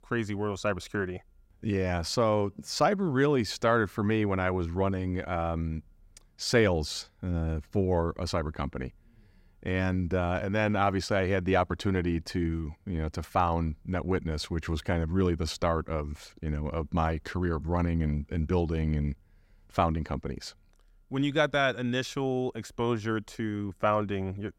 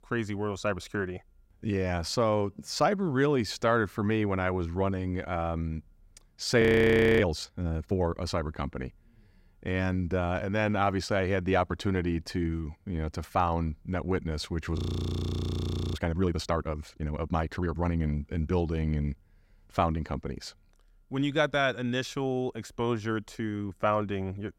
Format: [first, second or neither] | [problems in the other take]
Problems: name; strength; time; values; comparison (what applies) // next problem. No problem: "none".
first | audio freezing; at 6.5 s for 0.5 s and at 15 s for 1 s